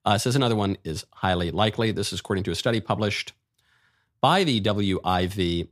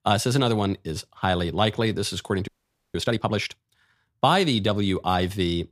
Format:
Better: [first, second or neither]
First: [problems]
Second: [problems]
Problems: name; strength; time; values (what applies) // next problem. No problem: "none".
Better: first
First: none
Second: audio freezing; at 2.5 s